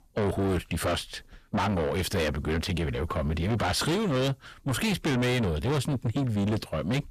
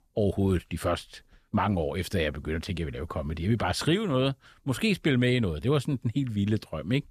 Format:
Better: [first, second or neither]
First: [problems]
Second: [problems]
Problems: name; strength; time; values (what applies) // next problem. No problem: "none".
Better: second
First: distortion; heavy; 6 dB below the speech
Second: none